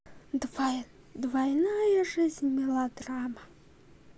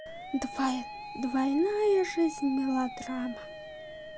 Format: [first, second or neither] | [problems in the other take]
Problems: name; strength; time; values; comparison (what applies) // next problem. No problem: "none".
first | background sound (Musical instrument); 12 dB below the speech